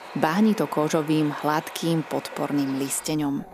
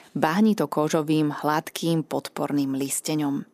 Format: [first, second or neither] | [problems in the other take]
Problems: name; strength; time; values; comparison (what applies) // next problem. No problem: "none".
second | animal sounds; noticeable; throughout; 15 dB below the speech